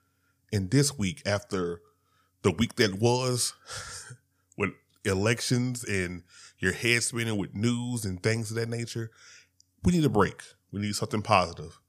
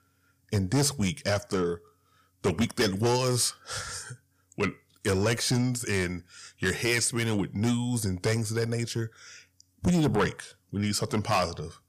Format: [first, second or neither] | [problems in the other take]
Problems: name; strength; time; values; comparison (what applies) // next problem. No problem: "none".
first | distortion; heavy; 8 dB below the speech